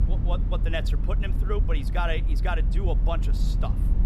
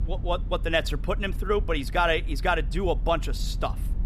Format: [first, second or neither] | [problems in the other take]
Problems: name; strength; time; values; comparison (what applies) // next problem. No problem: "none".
second | low rumble; loud; throughout; 10 dB below the speech; faint in the second